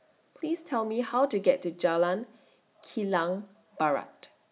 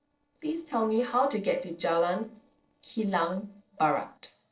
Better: first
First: none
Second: noise reduction (neural separator model SepFormer DNS4)

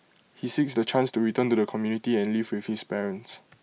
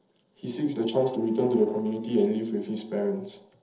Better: first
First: none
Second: noise reduction (neural separator model SepFormer DNS4)

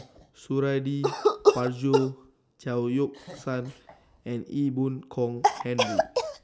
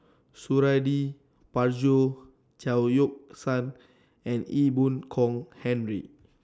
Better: second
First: background sound (Cough); as loud as the speech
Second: none

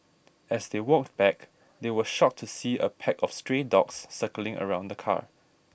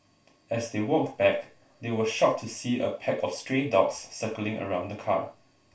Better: first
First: none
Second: room echo; dies away in 0.3 s

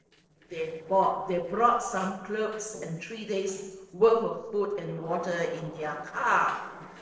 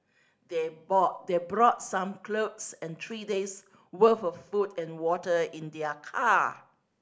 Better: second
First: noise reduction (neural separator model SepFormer DNS4)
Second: none

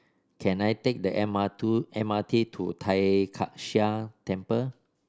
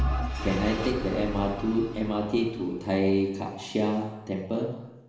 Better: first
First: none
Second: background sound (Engine / Vehicle); 6 dB below the speech // room echo; dies away in 1.1 s

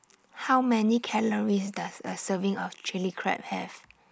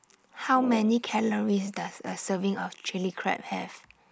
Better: first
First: none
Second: background sound (Brass instrument); 12 dB below the speech

